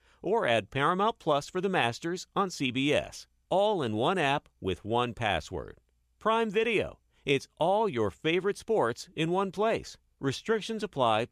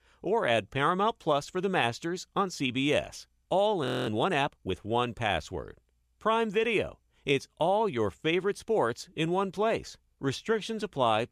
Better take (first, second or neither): first